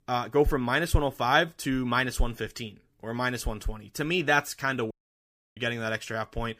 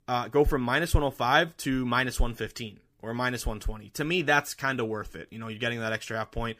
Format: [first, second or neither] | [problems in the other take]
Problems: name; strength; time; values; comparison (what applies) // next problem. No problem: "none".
second | audio cutting out; at 5 s for 0.5 s